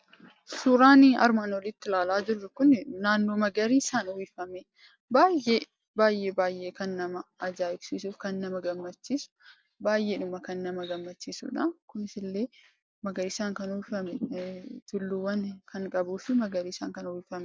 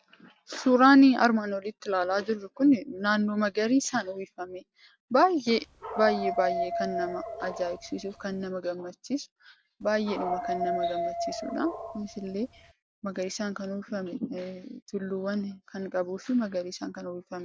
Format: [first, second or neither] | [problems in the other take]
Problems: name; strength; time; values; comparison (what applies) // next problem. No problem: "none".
first | background sound (Dog); 6 dB below the speech